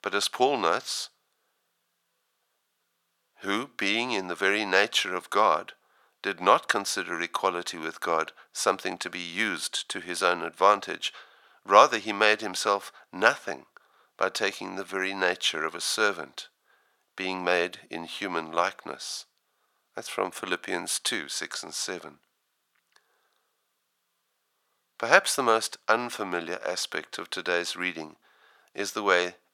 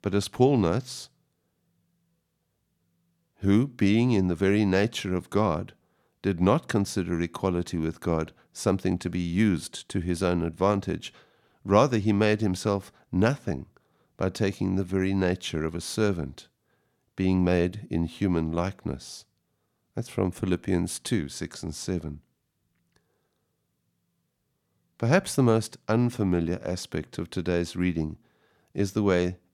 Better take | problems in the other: second | thin; very; fading below 750 Hz

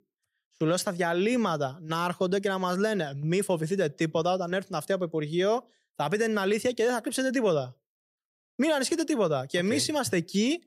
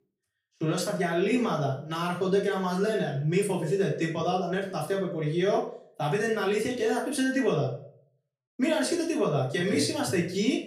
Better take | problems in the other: first | off-mic speech; far // room echo; slight; dies away in 0.4 s

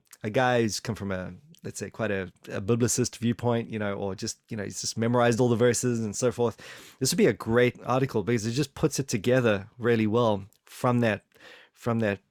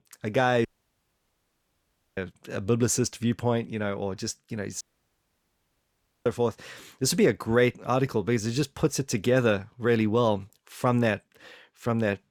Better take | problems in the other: first | audio cutting out; at 0.5 s for 1.5 s and at 5 s for 1.5 s

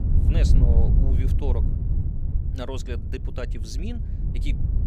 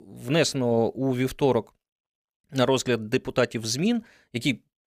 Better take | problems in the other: second | wind noise on the microphone; heavy; 2 dB below the speech

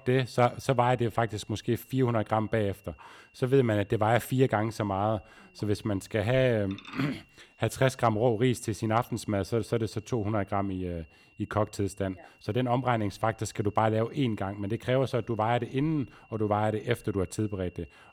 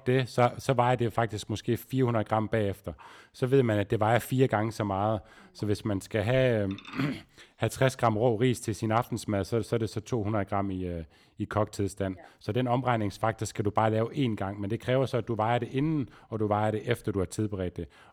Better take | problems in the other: second | high-pitched whine; faint; throughout; 3 kHz, 30 dB below the speech

